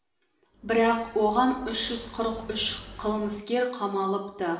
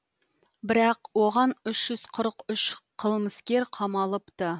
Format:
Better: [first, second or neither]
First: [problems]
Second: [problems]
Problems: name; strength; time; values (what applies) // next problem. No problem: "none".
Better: second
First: background sound (Motorcycle); 18 dB below the speech // room echo; dies away in 0.8 s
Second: none